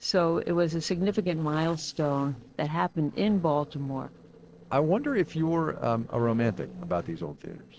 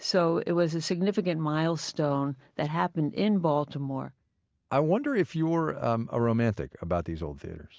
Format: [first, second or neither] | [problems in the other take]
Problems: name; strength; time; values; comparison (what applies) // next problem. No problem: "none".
second | noise reduction (neural separator model SepFormer DNS4)